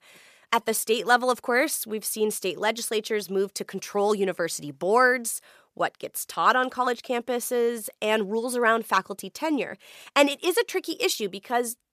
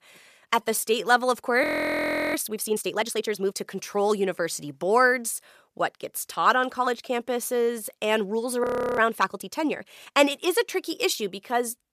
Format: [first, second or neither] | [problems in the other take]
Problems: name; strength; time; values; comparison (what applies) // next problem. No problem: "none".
first | audio freezing; at 1.5 s for 0.5 s and at 8.5 s